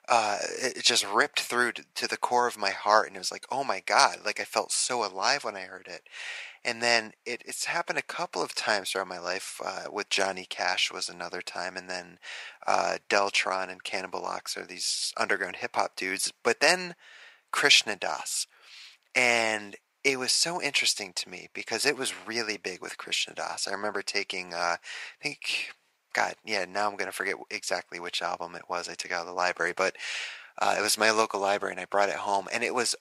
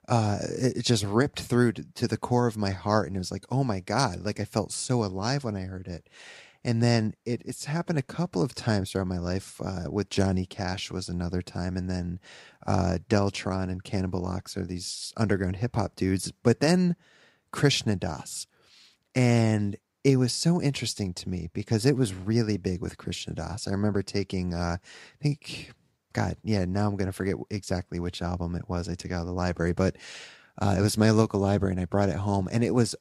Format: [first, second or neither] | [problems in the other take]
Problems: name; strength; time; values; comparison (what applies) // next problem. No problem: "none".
second | thin; very; fading below 800 Hz